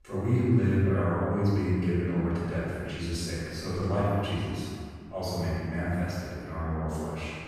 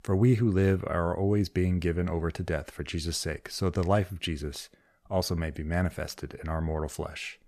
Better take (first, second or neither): second